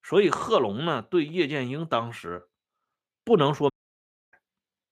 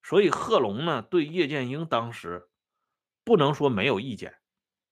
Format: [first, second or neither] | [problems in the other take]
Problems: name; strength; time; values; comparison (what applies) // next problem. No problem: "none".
second | audio cutting out; at 3.5 s for 0.5 s